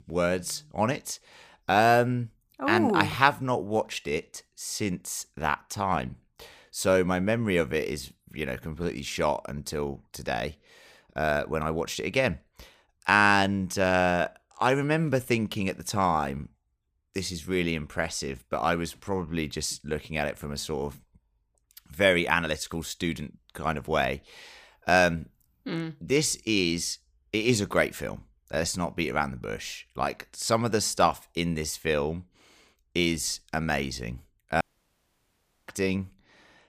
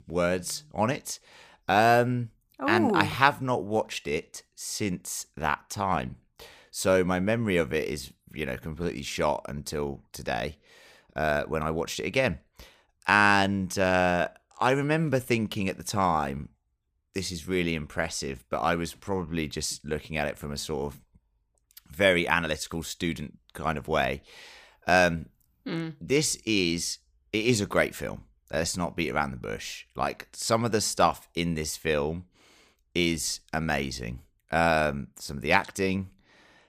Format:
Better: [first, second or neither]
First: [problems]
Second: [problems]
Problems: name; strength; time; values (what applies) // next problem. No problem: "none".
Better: second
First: audio cutting out; at 35 s for 1 s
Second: none